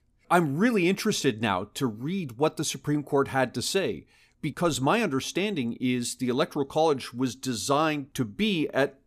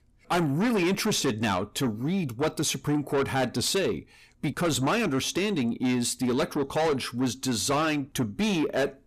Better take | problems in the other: first | distortion; heavy; 7 dB below the speech

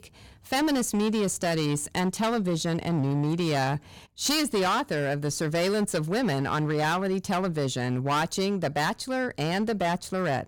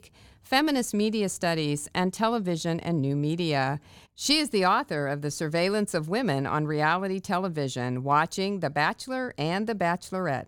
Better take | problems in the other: second | distortion; heavy; 16% of the sound clipped

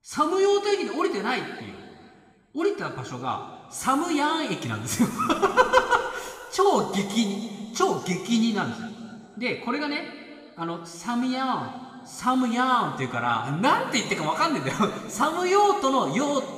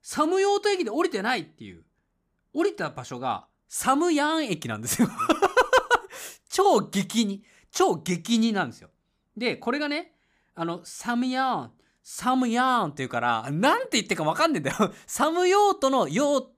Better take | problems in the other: second | room echo; noticeable; dies away in 2 s // off-mic speech; somewhat distant

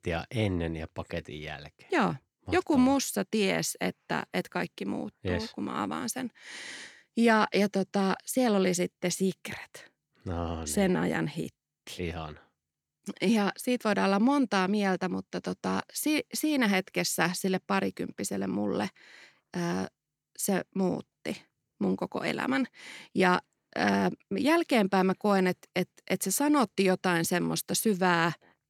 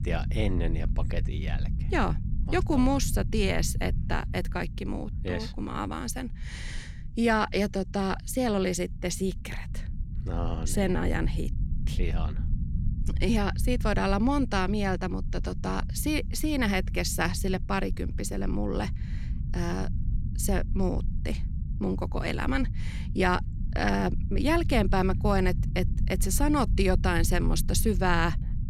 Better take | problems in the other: first | low rumble; noticeable; throughout; 15 dB below the speech

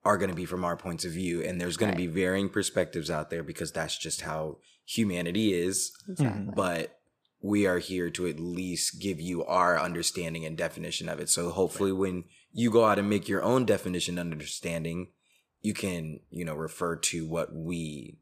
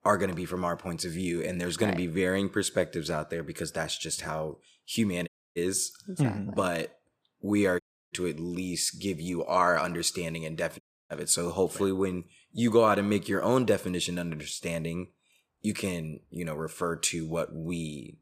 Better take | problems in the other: first | audio cutting out; at 5.5 s, at 8 s and at 11 s

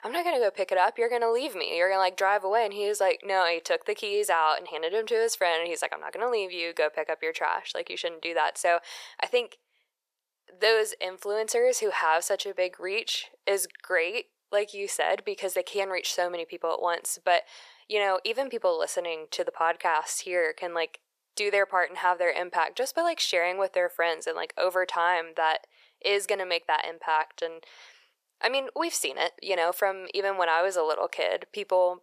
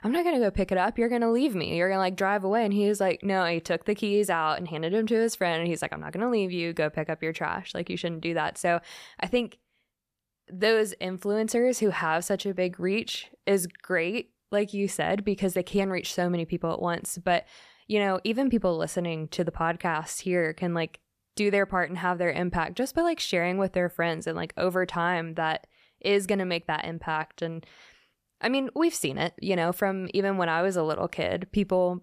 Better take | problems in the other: second | thin; very; fading below 450 Hz

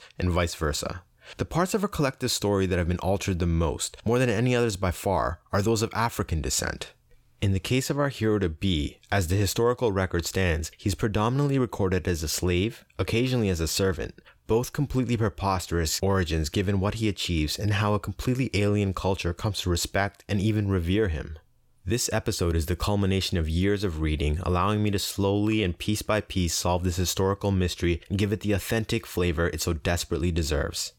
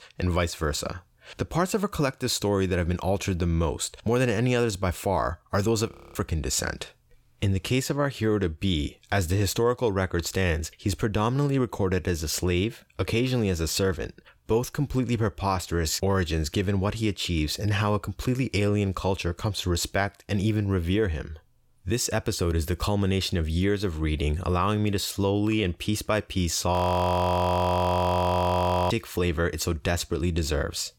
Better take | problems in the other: first | audio freezing; at 6 s and at 27 s for 2 s

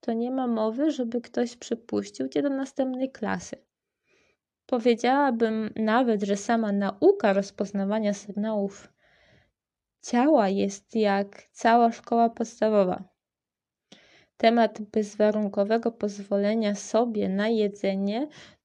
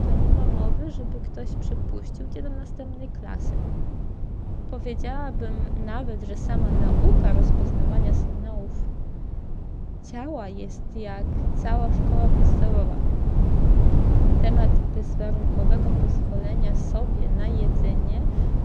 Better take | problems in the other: first | wind noise on the microphone; heavy; 2 dB above the speech

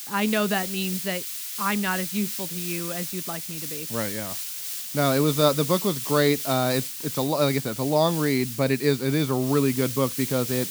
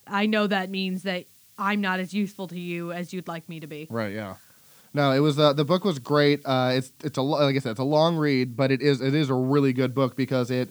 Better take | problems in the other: second | hiss; loud; throughout; 5 dB below the speech; faint in the second

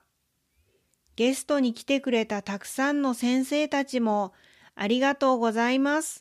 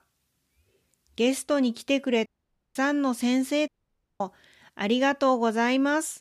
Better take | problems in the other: first | audio cutting out; at 2.5 s and at 3.5 s for 0.5 s

